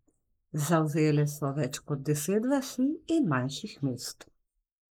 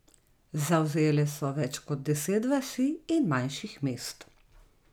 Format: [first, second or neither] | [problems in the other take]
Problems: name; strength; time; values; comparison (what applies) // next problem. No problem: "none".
second | noise reduction (neural mask model Resemble Enhance denoiser)